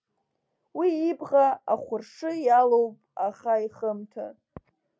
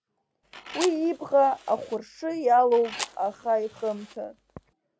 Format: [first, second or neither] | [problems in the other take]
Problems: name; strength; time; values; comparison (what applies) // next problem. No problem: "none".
first | background sound (Fire); 16 dB below the speech